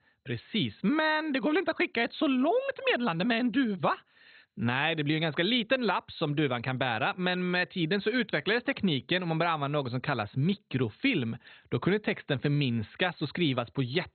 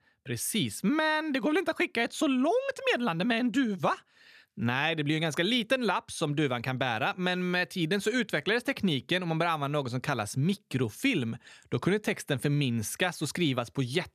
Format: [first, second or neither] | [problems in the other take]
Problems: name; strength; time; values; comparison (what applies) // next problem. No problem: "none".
second | garbled, watery; badly; nothing above 4 kHz